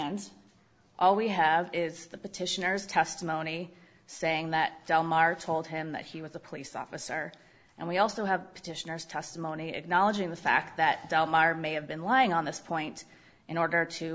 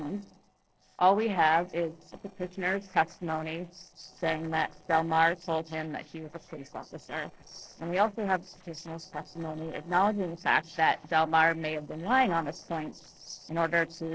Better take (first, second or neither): first